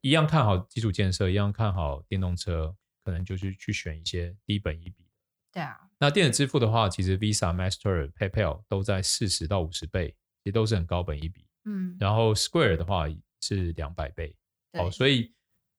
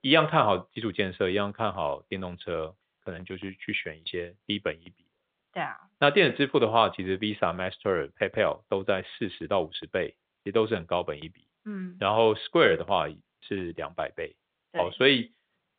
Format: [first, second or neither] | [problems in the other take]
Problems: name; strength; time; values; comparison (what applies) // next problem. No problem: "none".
first | phone-call audio; nothing above 3.5 kHz